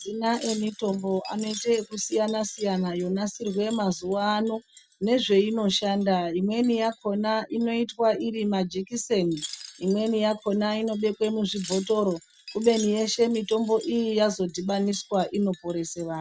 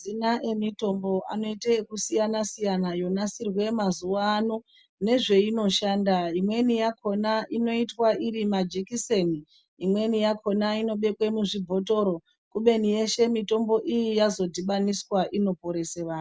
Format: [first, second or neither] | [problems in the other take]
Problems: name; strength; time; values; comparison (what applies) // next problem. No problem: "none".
second | background sound (Wind chime); 20 dB below the speech